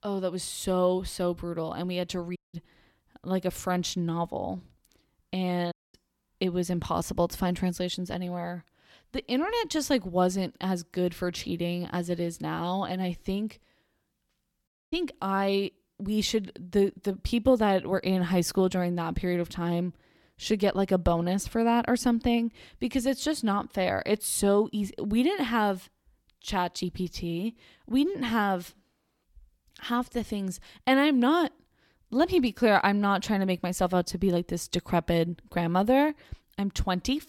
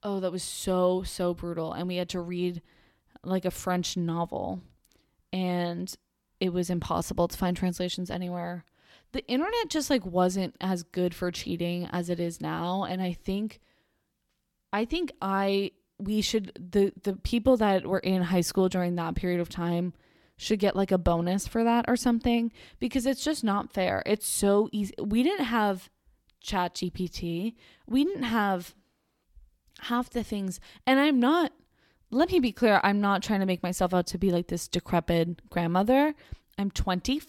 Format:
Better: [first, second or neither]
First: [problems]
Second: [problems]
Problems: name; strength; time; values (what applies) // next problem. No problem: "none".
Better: second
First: audio cutting out; at 2.5 s, at 5.5 s and at 15 s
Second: none